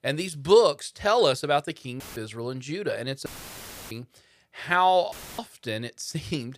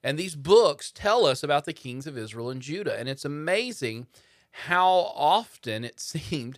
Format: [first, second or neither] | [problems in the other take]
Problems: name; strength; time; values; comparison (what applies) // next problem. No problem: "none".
second | audio cutting out; filled with static; at 2 s, at 3.5 s for 0.5 s and at 5 s